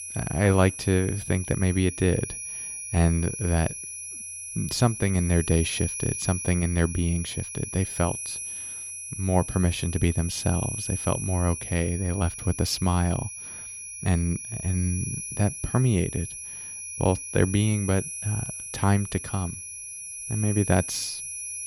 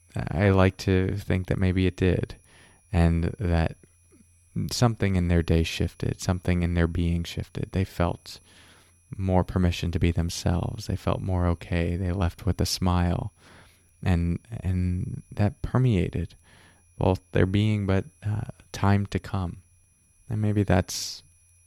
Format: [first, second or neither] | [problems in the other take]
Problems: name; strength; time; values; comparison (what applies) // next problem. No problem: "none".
second | high-pitched whine; loud; throughout; 10.5 kHz, 7 dB below the speech; faint in the second